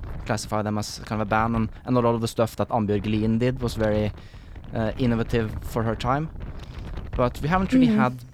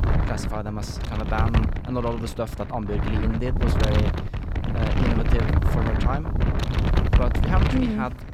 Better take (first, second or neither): first